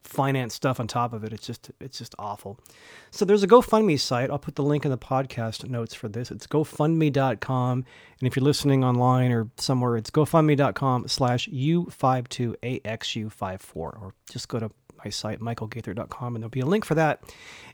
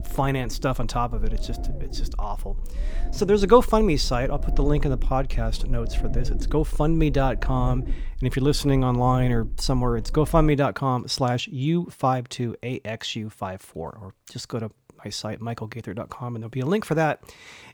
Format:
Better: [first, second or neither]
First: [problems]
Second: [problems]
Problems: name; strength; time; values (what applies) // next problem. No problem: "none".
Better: first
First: none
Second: low rumble; noticeable; until 11 s; 20 dB below the speech